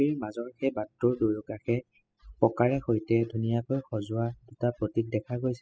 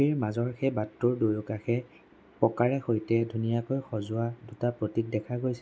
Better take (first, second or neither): second